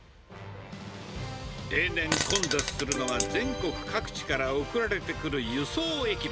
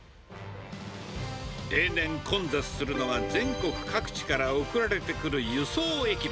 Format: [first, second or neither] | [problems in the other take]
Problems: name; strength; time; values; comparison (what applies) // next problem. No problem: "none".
second | background sound (Fart); 3 dB below the speech